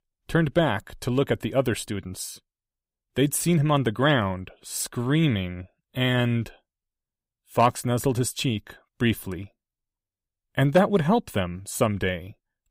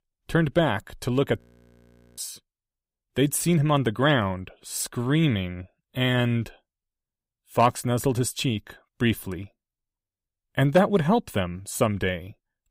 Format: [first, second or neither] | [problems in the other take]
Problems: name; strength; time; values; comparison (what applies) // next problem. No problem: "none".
first | audio freezing; at 1.5 s for 1 s